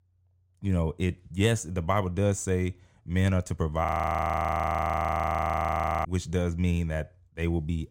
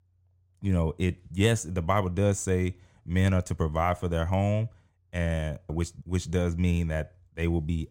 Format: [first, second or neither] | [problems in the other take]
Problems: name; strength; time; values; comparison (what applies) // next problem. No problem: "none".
second | audio freezing; at 4 s for 2 s